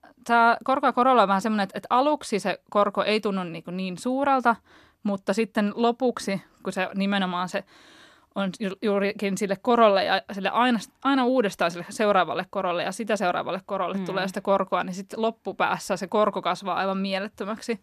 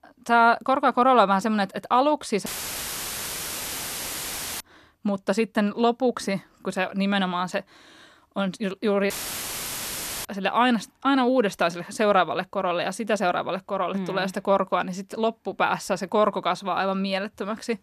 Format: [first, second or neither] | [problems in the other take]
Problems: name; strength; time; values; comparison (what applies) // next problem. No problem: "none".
first | audio cutting out; filled with static; at 2.5 s for 2 s and at 9 s for 1 s